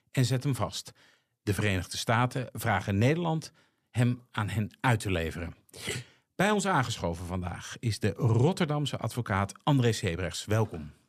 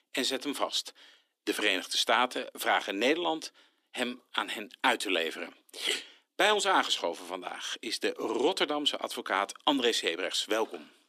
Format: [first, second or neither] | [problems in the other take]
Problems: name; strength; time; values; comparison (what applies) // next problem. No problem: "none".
first | thin; somewhat; fading below 300 Hz